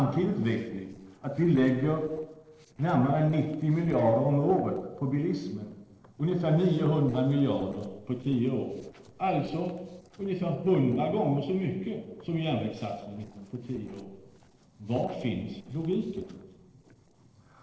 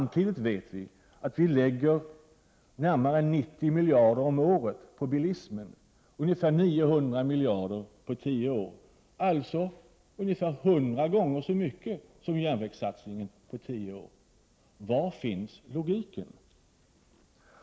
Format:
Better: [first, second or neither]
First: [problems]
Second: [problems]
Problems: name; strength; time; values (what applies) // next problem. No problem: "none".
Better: second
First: noise reduction (neural separator model SepFormer DNS4)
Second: none